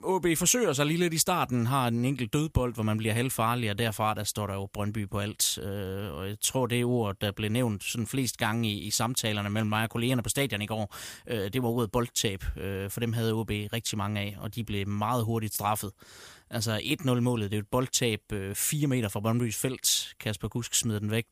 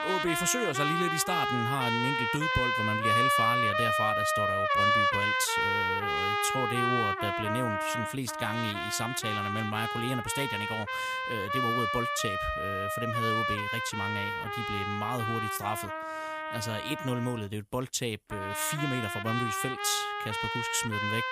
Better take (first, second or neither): first